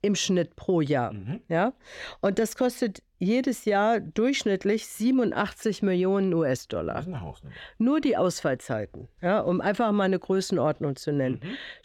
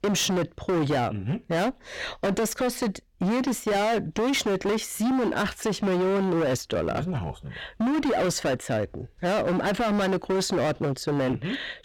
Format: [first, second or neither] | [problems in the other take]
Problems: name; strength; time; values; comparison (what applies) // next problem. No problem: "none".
first | distortion; heavy; 27% of the sound clipped